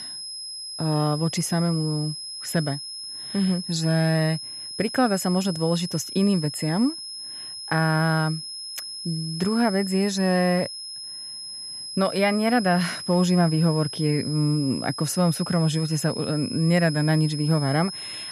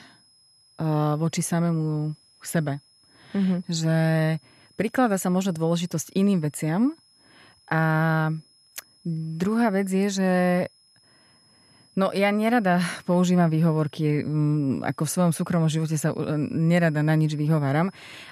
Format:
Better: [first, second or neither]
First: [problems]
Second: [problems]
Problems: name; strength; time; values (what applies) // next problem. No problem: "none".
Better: second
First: high-pitched whine; loud; throughout; 5 kHz, 9 dB below the speech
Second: high-pitched whine; faint; throughout; 5 kHz, 30 dB below the speech